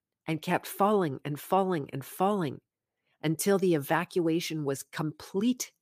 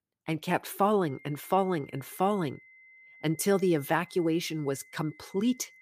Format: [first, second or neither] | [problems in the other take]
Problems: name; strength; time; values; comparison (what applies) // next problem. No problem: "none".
first | high-pitched whine; faint; from 1 s on; 2 kHz, 25 dB below the speech